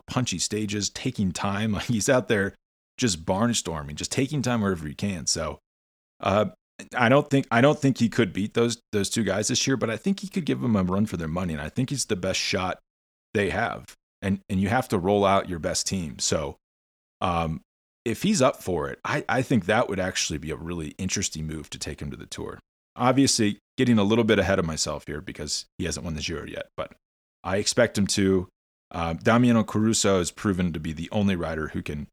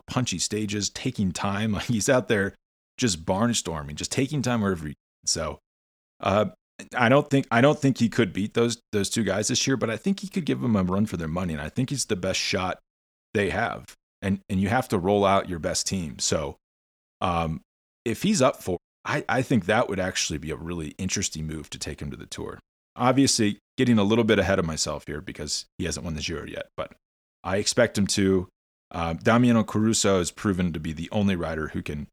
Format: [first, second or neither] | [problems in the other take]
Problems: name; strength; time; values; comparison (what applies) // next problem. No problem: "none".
first | audio cutting out; at 5 s and at 19 s